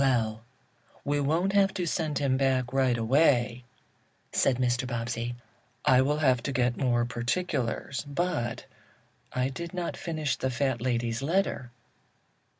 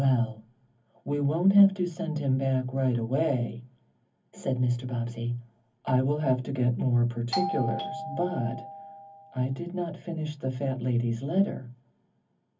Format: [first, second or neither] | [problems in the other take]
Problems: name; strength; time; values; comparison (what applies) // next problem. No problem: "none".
first | background sound (Doorbell); 7 dB below the speech // room echo; dies away in 0.3 s